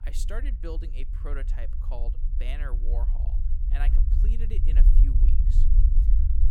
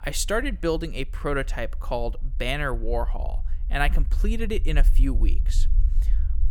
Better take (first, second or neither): second